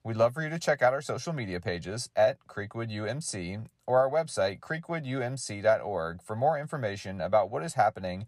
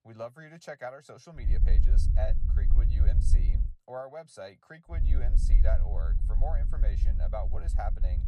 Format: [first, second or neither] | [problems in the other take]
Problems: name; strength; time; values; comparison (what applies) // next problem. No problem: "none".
first | low rumble; loud; from 1.5 to 3.5 s and from 5 s on; 8 dB below the speech